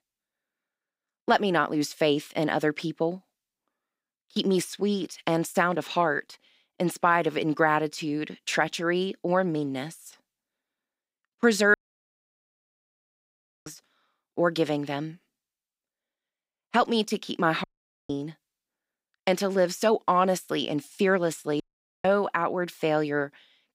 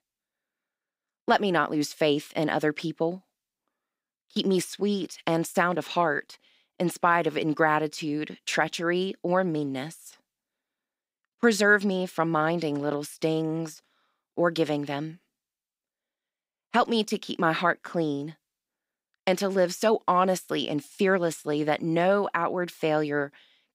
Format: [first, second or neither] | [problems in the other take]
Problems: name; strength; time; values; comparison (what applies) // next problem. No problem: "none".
second | audio cutting out; at 12 s for 2 s, at 18 s and at 22 s